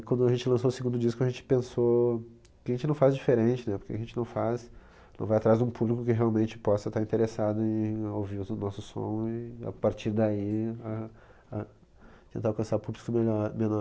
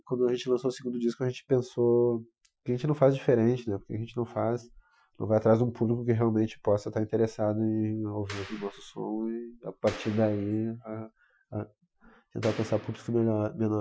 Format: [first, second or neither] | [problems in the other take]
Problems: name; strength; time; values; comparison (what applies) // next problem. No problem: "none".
first | noise reduction (classical method Wiener filter)